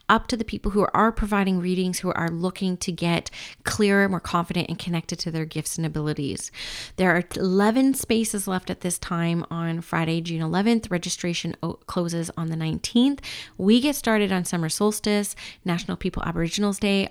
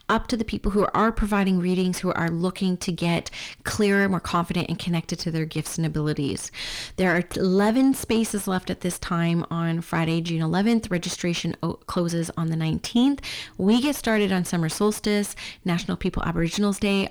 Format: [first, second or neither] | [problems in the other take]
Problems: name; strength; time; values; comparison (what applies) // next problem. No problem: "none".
first | distortion; slight; 10 dB below the speech